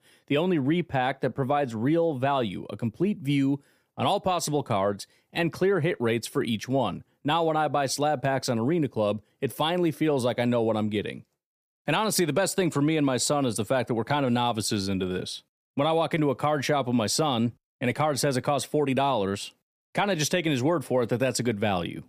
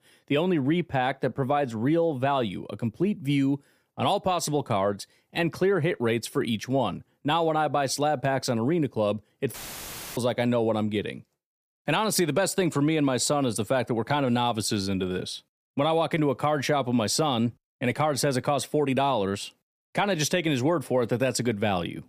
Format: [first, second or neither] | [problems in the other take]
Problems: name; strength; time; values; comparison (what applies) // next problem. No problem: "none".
first | audio cutting out; filled with static; at 9.5 s for 0.5 s